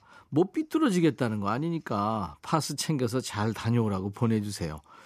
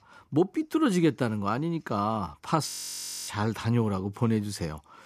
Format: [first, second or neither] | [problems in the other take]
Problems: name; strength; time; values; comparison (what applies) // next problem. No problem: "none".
first | audio freezing; at 2.5 s for 0.5 s